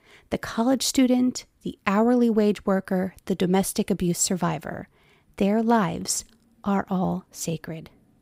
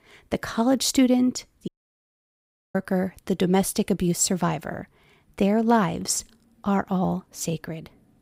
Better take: first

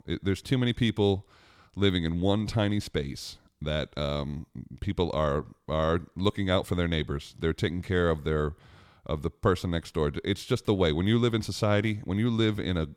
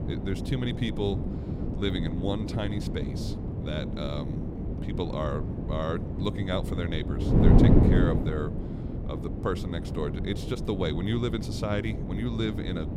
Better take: first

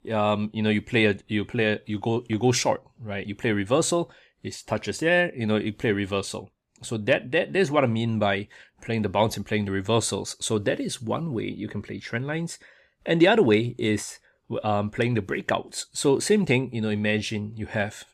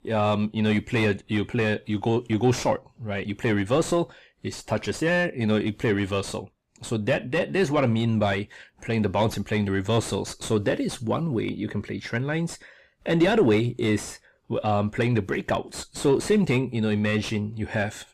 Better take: first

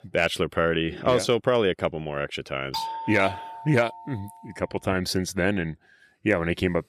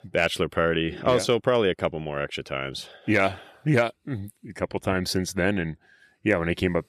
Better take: second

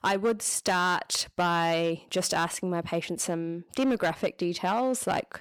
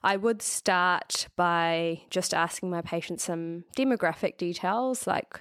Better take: second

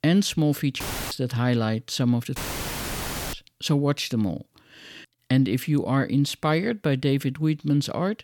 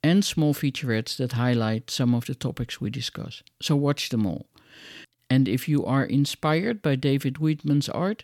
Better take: second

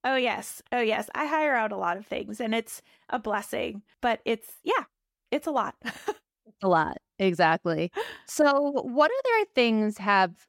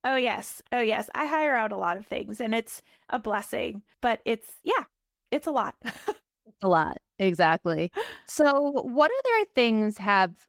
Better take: first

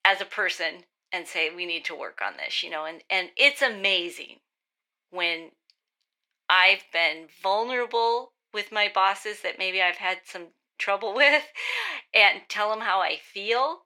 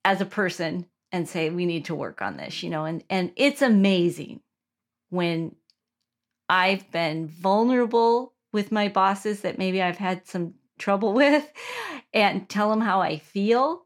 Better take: second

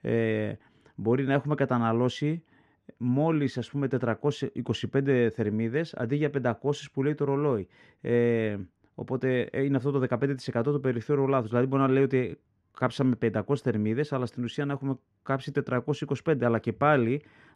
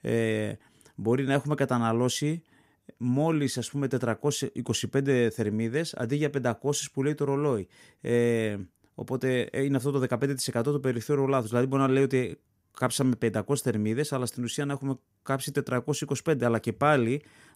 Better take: second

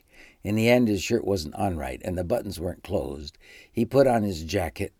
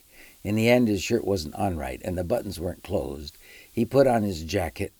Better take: first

